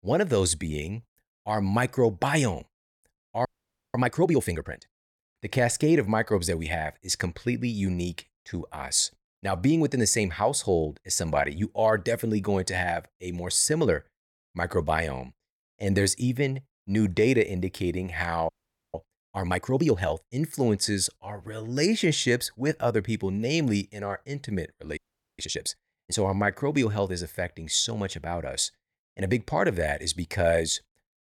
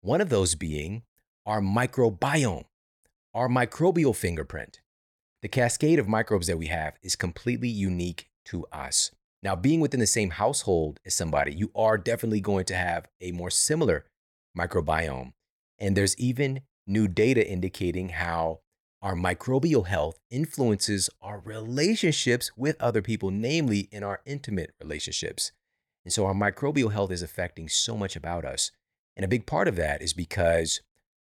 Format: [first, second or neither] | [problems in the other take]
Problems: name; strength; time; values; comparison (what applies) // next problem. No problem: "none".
second | audio freezing; at 3.5 s, at 18 s and at 25 s